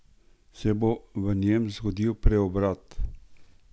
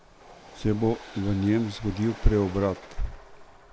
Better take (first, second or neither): first